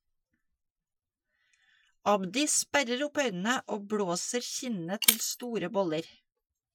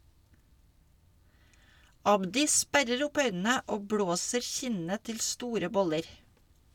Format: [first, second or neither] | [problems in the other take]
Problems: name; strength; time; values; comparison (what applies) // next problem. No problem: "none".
second | noise reduction (classical method Wiener filter)